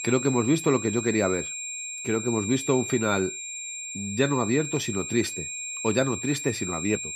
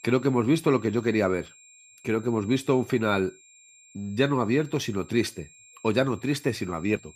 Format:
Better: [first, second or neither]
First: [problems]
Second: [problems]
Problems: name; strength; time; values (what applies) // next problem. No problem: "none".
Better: second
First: high-pitched whine; loud; throughout; 7.5 kHz, 6 dB below the speech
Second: high-pitched whine; faint; throughout; 7.5 kHz, 25 dB below the speech